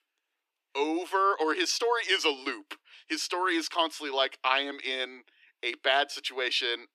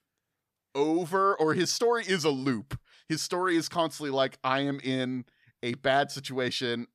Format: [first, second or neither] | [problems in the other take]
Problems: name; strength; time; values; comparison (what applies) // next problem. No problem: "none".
second | thin; somewhat; fading below 300 Hz